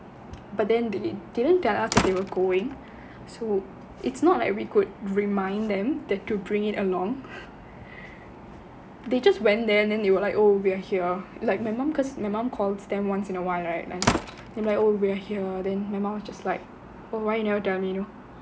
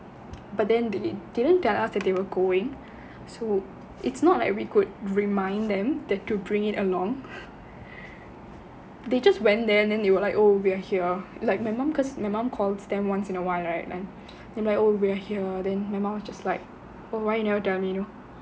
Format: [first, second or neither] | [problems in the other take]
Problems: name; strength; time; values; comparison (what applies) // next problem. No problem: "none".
second | background sound (Slam); 6 dB below the speech